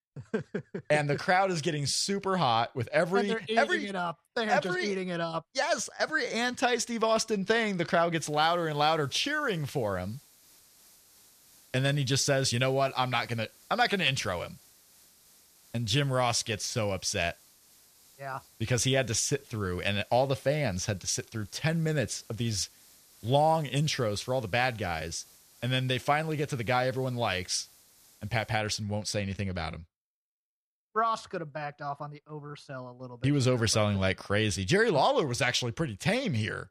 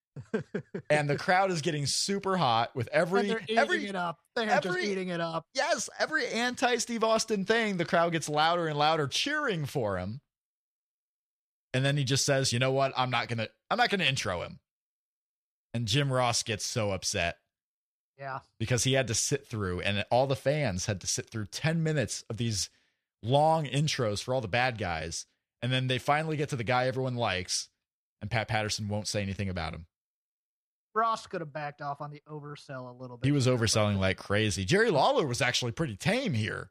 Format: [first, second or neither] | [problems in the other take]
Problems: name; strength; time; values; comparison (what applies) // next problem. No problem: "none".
second | hiss; faint; from 8 to 29 s; 25 dB below the speech